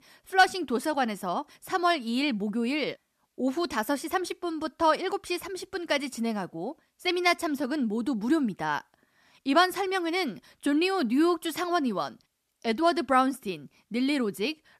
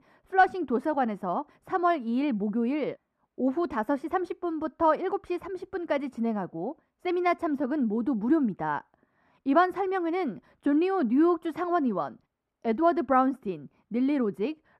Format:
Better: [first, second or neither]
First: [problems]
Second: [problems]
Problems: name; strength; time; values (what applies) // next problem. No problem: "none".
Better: first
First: none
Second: muffled; very; fading above 2.5 kHz